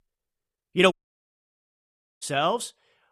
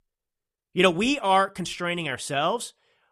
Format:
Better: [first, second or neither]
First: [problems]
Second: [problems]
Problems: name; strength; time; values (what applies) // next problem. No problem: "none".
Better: second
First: audio cutting out; at 1 s for 1.5 s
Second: none